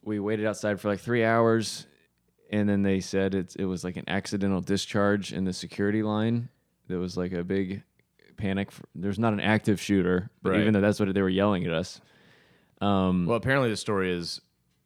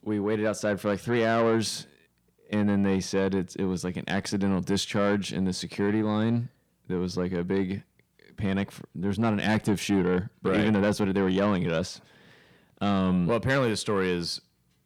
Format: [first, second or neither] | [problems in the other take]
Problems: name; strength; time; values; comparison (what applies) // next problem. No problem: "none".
first | distortion; slight; 10 dB below the speech